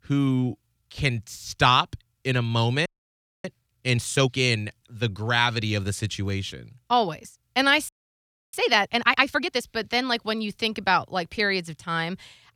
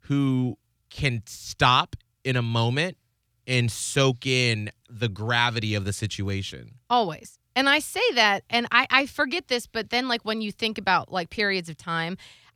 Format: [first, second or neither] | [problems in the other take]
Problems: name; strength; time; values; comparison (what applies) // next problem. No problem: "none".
second | audio freezing; at 3 s for 0.5 s and at 8 s for 0.5 s